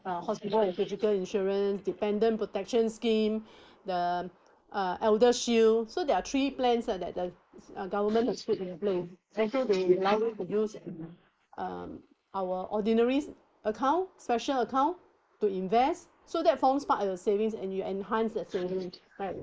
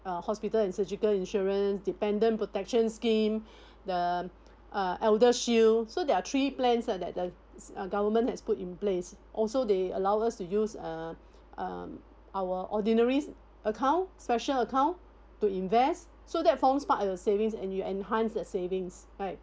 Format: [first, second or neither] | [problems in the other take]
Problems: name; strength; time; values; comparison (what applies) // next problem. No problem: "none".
second | noise reduction (neural mask model Resemble Enhance denoiser)